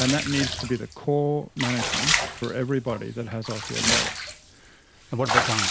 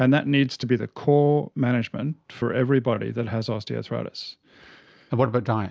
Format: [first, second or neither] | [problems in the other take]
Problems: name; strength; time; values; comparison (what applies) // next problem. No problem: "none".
second | background sound (Bathtub (filling or washing) / Water / Liquid); as loud as the speech